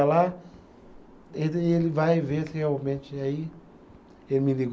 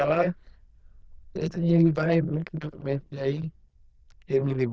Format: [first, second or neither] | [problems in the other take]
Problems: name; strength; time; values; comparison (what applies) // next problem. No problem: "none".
first | noise reduction (neural diffusion model UNIVERSE++)